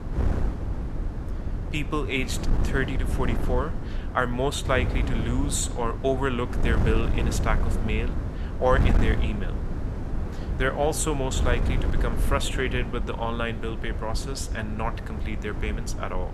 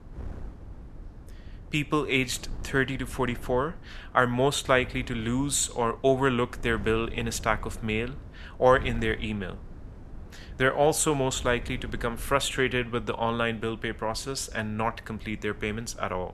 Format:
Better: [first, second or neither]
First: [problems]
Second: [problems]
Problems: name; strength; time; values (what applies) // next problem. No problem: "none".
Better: second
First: wind noise on the microphone; heavy; 9 dB below the speech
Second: wind noise on the microphone; occasional gusts; 25 dB below the speech